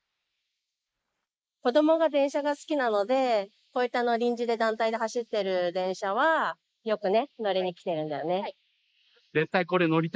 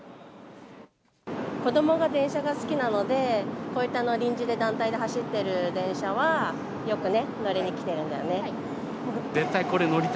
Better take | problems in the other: second | noise reduction (neural mask model Resemble Enhance denoiser)

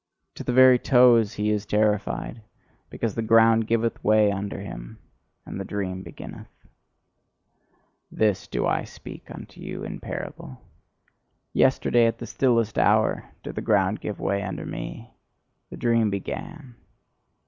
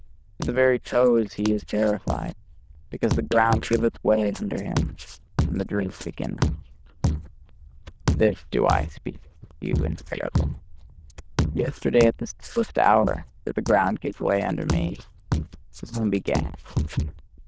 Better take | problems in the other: first | noise reduction (neural diffusion model UNIVERSE++)

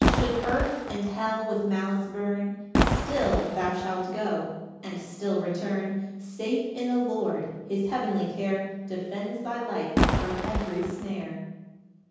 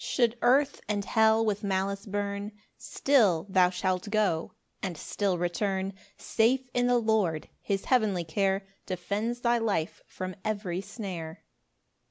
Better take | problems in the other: second | background sound (Fireworks); 2 dB above the speech // room echo; dies away in 1.3 s

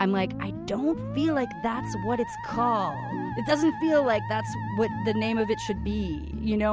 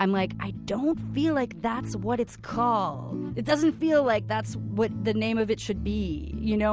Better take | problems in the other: second | background sound (Musical instrument); 11 dB below the speech

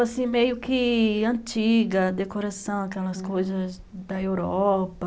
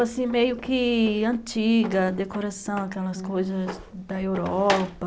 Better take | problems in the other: first | background sound (Drawer open or close); 14 dB below the speech

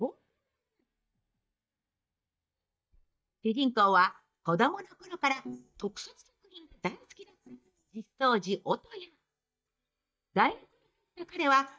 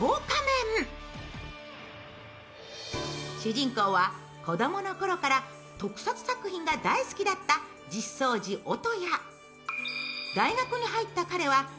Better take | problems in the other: second | noise reduction (neural mask model DeepFilterNet 3)

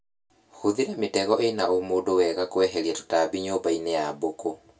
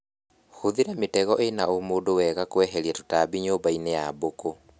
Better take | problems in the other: second | room echo; dies away in 0.2 s

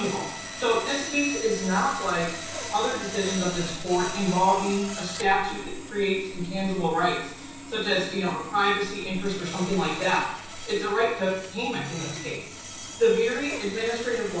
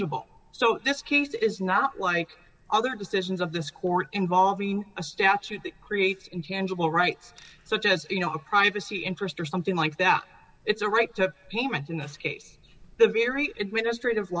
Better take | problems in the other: second | background sound (Sawing); 10 dB below the speech // room echo; dies away in 0.7 s

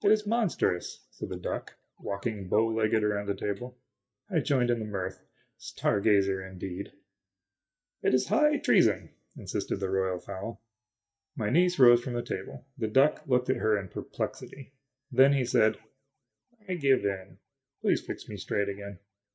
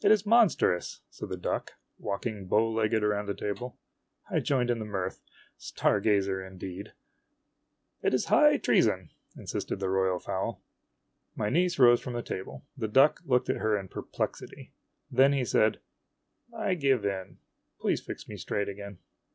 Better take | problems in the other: second | noise reduction (neural mask model DeepFilterNet 3)

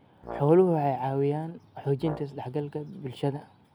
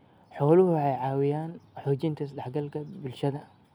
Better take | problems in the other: second | background sound (Brass instrument); 16 dB below the speech

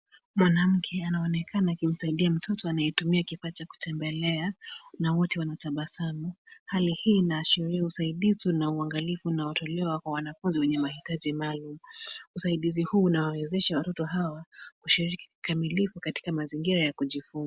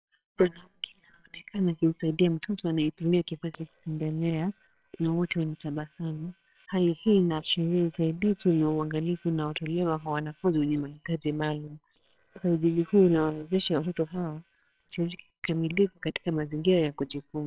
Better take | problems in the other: first | noise reduction (neural separator model SepFormer WHAMR!)

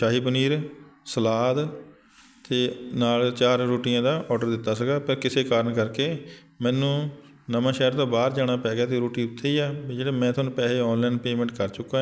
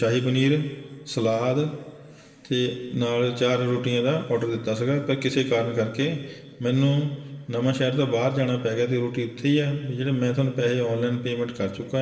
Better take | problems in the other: first | room echo; dies away in 2.5 s

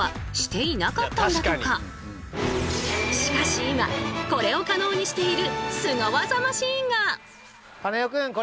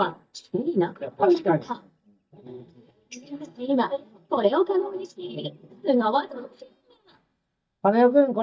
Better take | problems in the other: first | noise reduction (neural mask model DeepFilterNet 3)

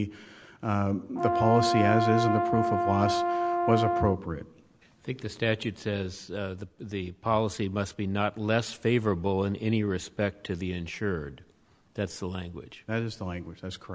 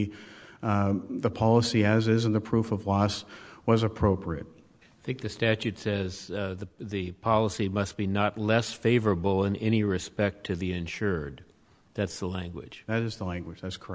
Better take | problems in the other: second | background sound (Brass instrument); 2 dB above the speech

